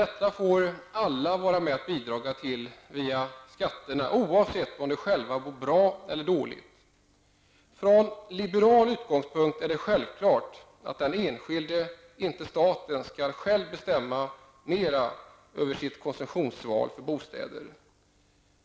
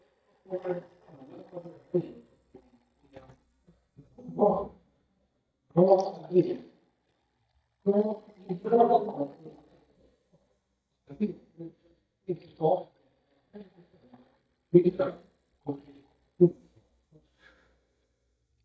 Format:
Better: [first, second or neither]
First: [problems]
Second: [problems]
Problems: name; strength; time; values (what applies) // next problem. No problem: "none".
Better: first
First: none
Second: noise reduction (neural mask model DeepFilterNet 3)